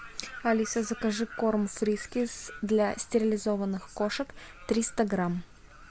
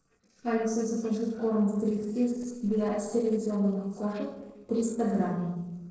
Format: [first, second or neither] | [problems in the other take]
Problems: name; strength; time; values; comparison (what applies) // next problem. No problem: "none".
first | noise reduction (neural separator model SepFormer DNS4)